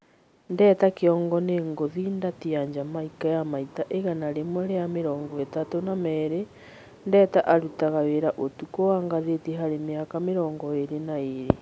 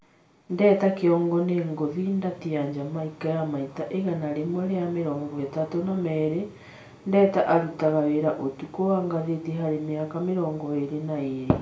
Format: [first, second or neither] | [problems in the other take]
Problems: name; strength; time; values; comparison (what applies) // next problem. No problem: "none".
first | room echo; dies away in 0.4 s